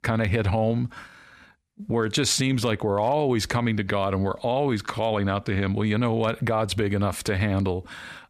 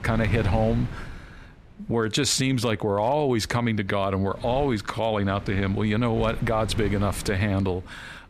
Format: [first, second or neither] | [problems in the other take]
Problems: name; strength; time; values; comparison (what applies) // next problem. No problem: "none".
first | wind noise on the microphone; occasional gusts; 15 dB below the speech